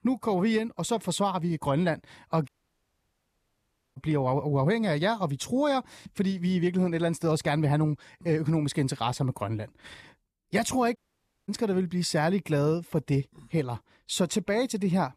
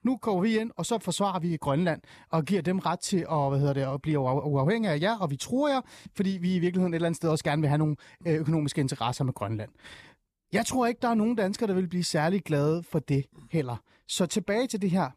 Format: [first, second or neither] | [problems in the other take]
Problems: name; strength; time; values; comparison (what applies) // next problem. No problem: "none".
second | audio cutting out; at 2.5 s for 1.5 s and at 11 s for 0.5 s